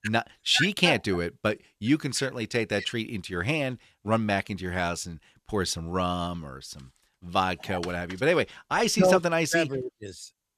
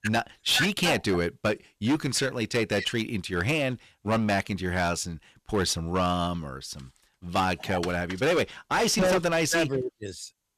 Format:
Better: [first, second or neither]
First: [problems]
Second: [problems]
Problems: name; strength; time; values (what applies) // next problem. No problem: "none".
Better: first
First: none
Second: distortion; heavy; 9% of the sound clipped